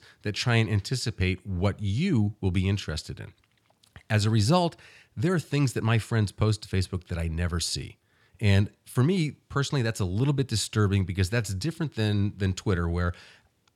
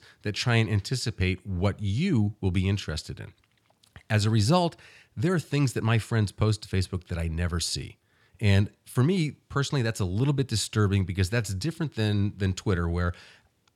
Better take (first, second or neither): neither